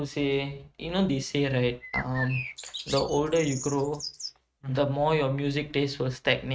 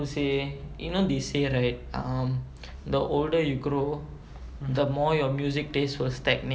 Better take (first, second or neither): second